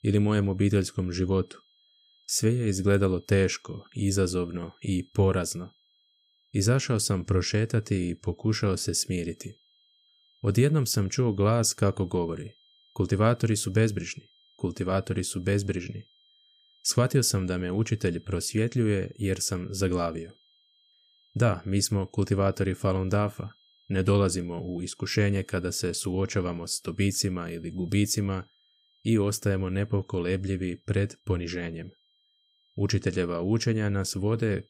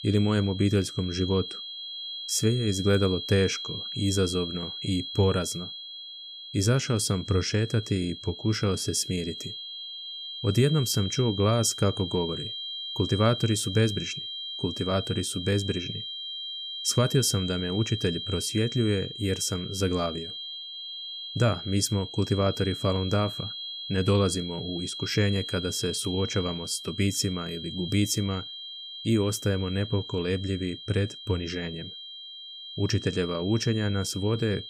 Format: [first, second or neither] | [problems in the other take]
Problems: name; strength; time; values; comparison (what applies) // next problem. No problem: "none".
first | high-pitched whine; loud; throughout; 3 kHz, 8 dB below the speech; faint in the first